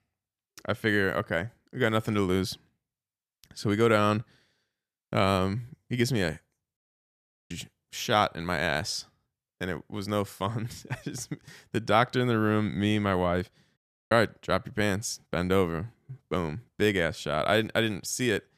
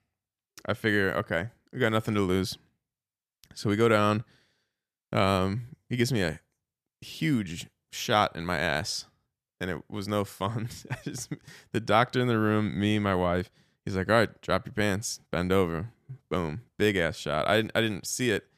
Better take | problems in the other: second | audio cutting out; at 7 s for 0.5 s and at 14 s

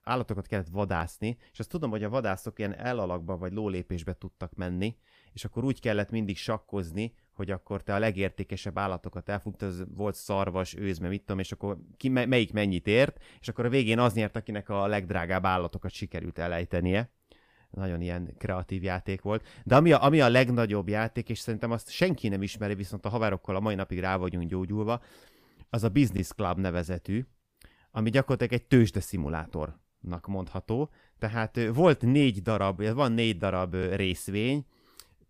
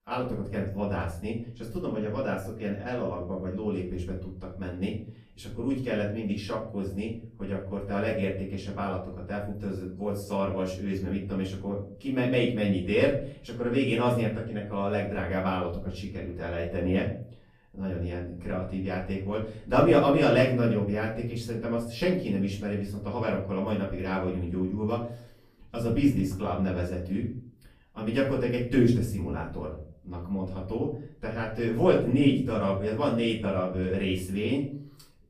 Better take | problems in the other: first | off-mic speech; far // room echo; slight; dies away in 0.5 s

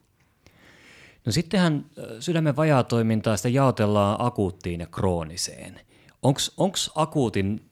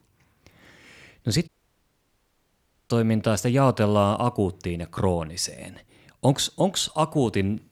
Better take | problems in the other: first | audio cutting out; at 1.5 s for 1.5 s

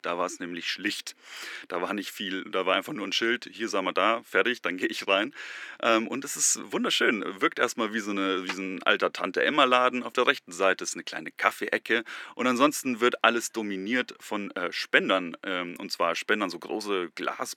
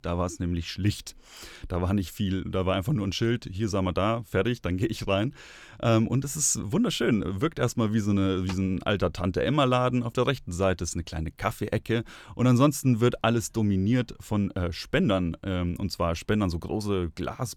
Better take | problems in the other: second | thin; somewhat; fading below 250 Hz

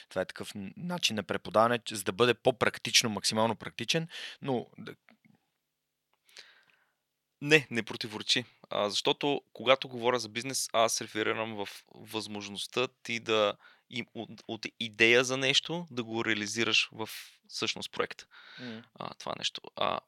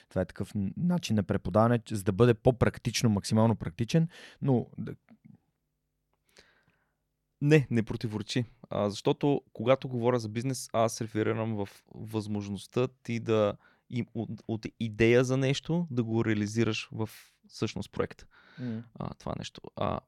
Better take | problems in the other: second | thin; somewhat; fading below 1 kHz

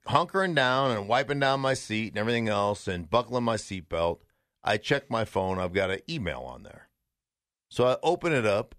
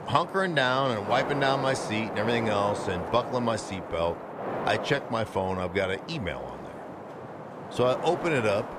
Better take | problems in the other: first | wind noise on the microphone; heavy; 8 dB below the speech

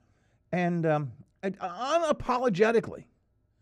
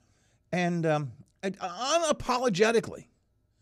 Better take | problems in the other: second | muffled; slightly; fading above 3 kHz

